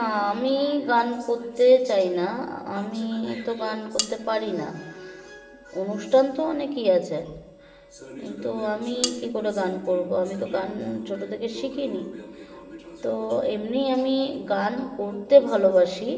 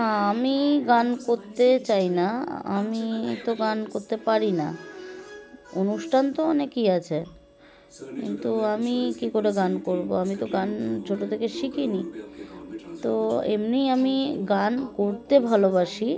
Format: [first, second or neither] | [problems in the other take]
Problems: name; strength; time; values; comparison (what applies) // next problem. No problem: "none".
second | background sound (Cutlery, silverware); 6 dB below the speech // room echo; dies away in 1.1 s